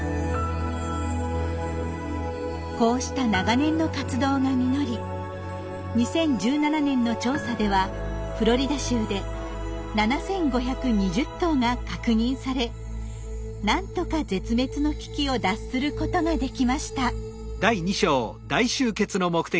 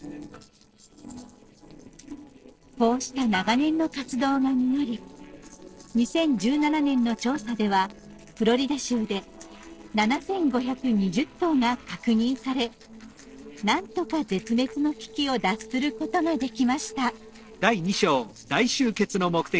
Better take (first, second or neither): first